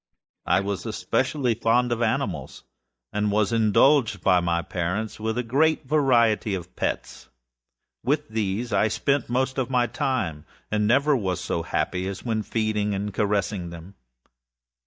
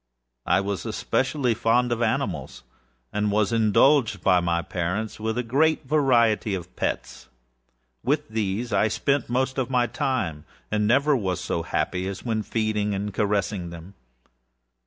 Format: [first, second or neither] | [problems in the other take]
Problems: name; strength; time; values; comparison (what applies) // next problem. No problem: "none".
second | noise reduction (neural mask model DeepFilterNet 3)